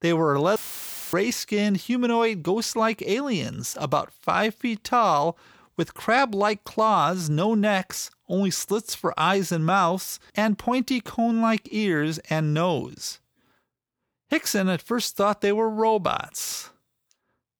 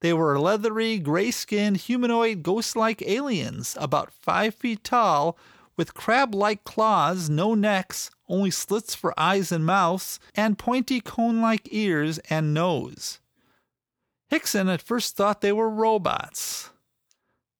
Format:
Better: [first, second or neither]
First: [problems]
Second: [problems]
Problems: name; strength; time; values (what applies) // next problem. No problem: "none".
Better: second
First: audio cutting out; filled with static; at 0.5 s for 0.5 s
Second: none